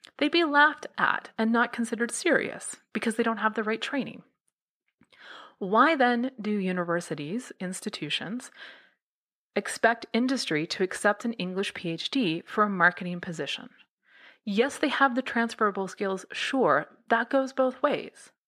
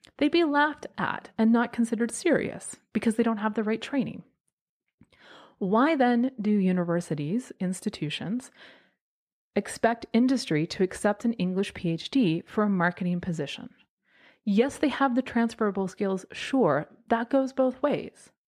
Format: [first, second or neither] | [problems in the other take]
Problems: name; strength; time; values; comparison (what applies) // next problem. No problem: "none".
second | thin; very slightly; fading below 800 Hz